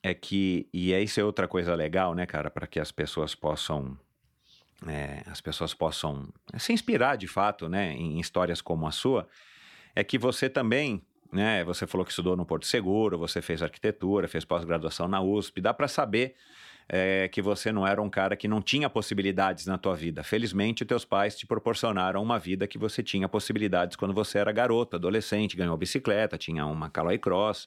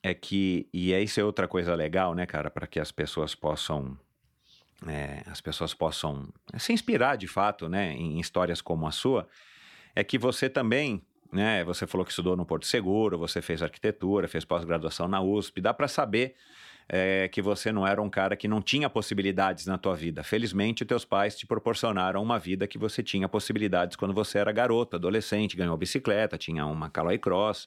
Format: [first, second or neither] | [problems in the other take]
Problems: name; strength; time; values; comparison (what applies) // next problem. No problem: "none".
neither | none